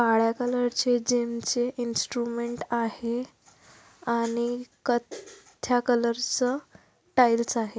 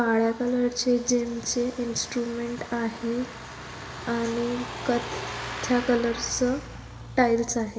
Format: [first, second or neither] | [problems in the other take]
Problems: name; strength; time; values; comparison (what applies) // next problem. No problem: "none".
first | background sound (Truck); 11 dB below the speech // room echo; dies away in 2 s